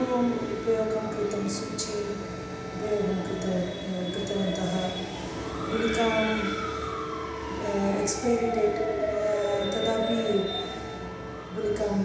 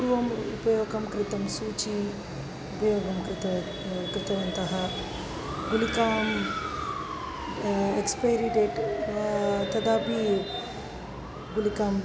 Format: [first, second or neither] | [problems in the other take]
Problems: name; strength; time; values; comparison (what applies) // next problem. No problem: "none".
second | background sound (Wind instrument, woodwind instrument); 13 dB below the speech // room echo; dies away in 0.9 s